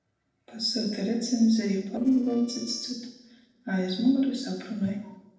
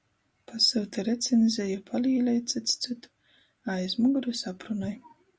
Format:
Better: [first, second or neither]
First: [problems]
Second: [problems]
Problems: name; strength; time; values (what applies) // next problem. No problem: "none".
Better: second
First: noise reduction (neural separator model SepFormer DNS4)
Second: none